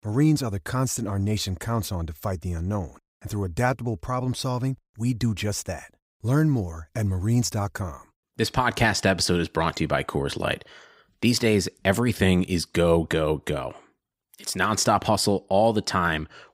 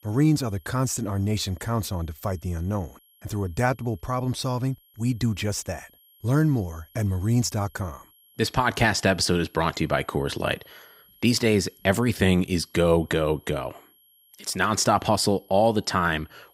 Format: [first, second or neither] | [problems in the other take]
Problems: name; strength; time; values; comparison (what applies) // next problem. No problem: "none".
first | high-pitched whine; faint; throughout; 11.5 kHz, 30 dB below the speech